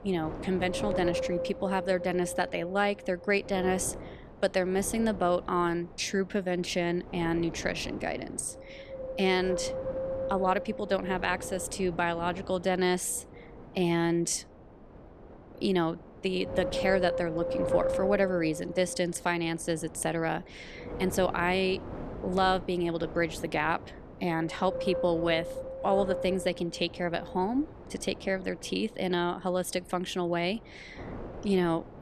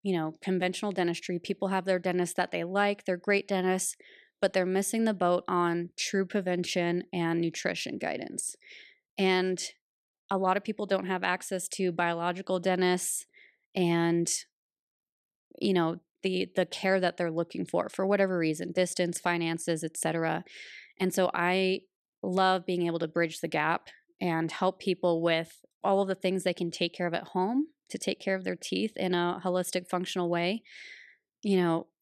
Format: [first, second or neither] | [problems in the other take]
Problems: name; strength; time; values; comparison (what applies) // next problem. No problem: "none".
second | wind noise on the microphone; heavy; 7 dB below the speech